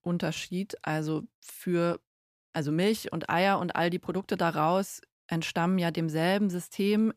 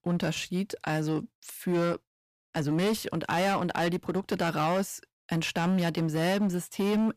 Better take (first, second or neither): first